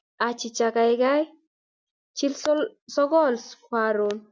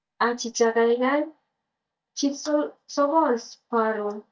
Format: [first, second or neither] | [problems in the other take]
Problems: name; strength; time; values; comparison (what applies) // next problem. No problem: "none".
first | noise reduction (neural mask model DeepFilterNet 3)